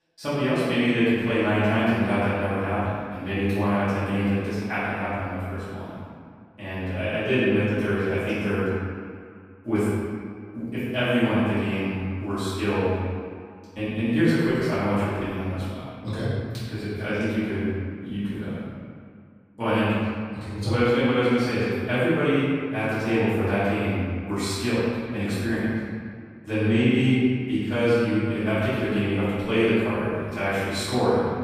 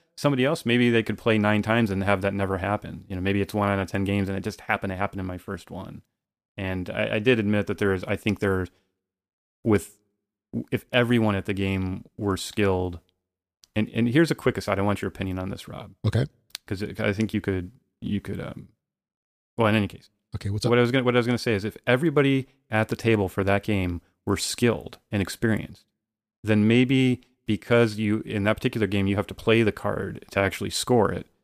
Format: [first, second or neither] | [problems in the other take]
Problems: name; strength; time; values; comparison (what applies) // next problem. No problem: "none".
second | room echo; strong; dies away in 1.8 s // off-mic speech; far